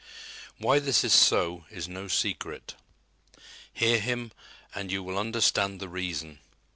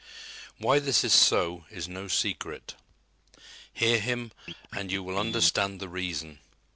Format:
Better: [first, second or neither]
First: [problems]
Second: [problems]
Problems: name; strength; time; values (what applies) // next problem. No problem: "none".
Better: first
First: none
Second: background sound (Scratching (performance technique)); 13 dB below the speech